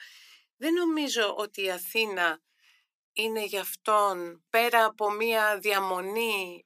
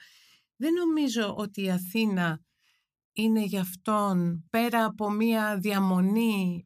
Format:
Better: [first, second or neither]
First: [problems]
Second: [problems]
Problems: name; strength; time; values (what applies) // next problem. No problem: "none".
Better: second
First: thin; very; fading below 350 Hz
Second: none